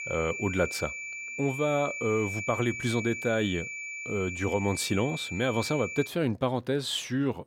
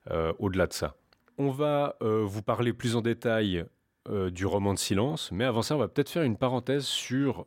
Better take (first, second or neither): second